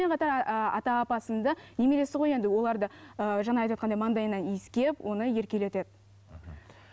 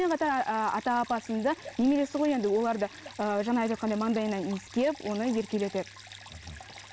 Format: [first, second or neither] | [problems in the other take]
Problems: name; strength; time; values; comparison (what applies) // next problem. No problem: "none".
first | background sound (Stream); 19 dB below the speech